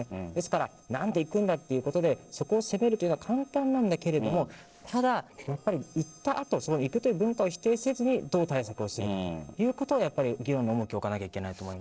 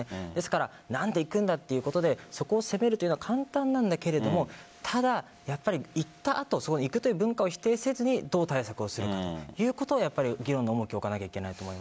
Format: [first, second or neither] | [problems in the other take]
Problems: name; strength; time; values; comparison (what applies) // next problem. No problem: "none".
second | noise reduction (neural separator model SepFormer DNS4)